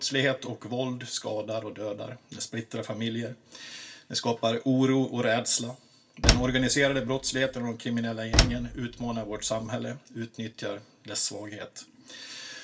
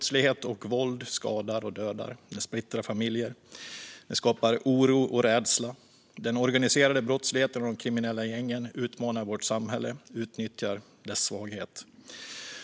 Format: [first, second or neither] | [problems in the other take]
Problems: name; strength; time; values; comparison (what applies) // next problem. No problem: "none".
second | background sound (Slam); 2 dB above the speech // room echo; dies away in 0.2 s